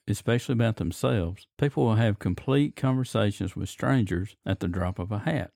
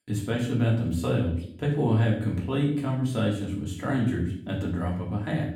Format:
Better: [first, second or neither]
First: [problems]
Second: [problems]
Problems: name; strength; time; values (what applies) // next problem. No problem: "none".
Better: first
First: none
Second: room echo; noticeable; dies away in 0.6 s // off-mic speech; far